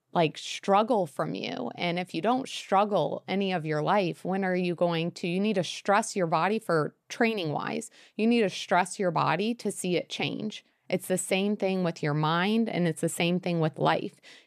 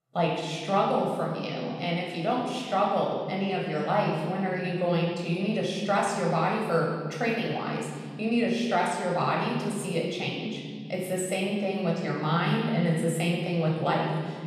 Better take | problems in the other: first | off-mic speech; far // room echo; noticeable; dies away in 1.9 s

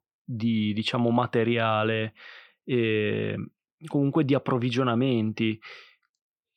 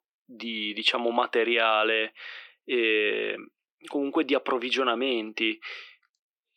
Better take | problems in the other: first | thin; somewhat; fading below 300 Hz

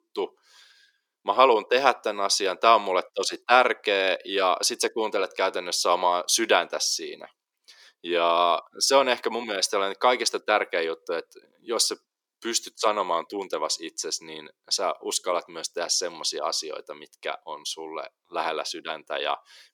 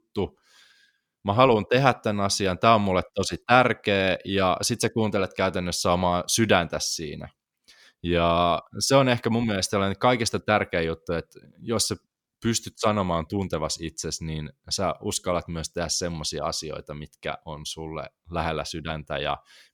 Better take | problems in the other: second | thin; very; fading below 350 Hz

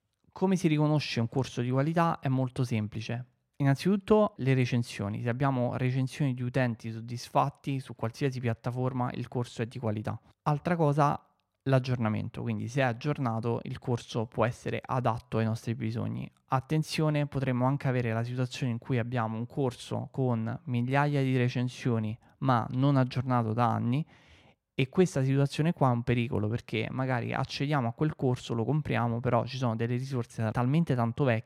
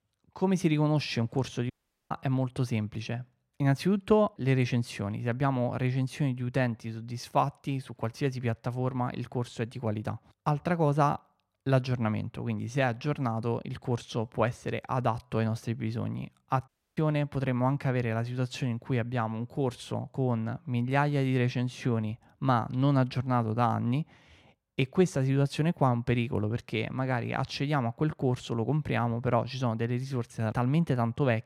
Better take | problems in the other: first | audio cutting out; at 1.5 s and at 17 s

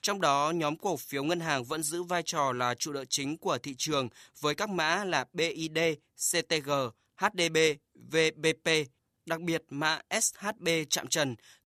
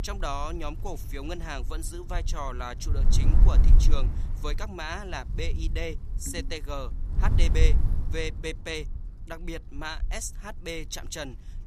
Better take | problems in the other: first | wind noise on the microphone; occasional gusts; 10 dB below the speech

